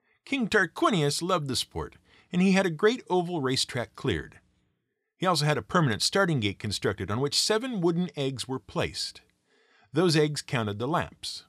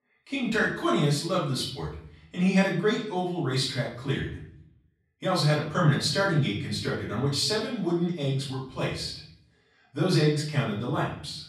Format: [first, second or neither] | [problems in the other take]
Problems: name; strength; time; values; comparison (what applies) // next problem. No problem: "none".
first | room echo; noticeable; dies away in 0.6 s // off-mic speech; far